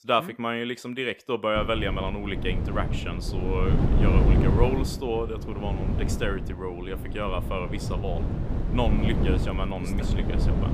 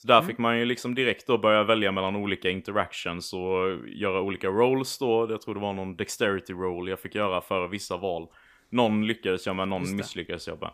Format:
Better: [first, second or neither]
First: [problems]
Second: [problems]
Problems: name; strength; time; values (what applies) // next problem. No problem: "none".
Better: second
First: wind noise on the microphone; heavy; from 1.5 s on; 6 dB below the speech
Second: none